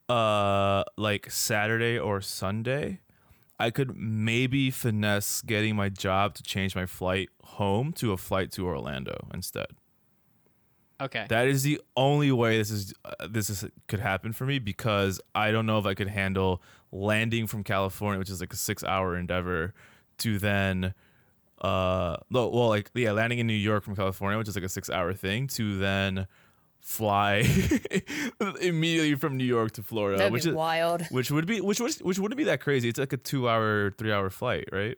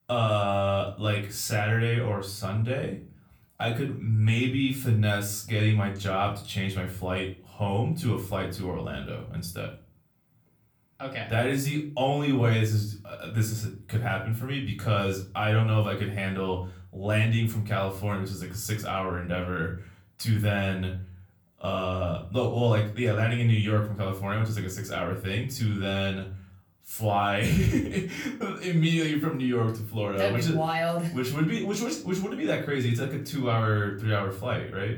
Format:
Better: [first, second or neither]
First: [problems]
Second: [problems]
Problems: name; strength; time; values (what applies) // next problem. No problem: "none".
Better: first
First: none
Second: off-mic speech; far // room echo; slight; dies away in 0.3 s